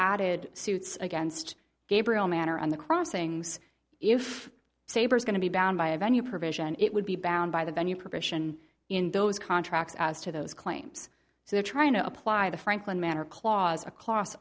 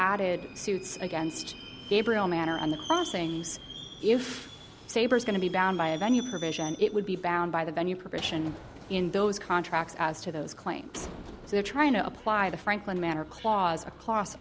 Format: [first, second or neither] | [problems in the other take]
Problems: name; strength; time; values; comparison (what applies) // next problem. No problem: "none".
first | background sound (Subway, metro, underground); 16 dB below the speech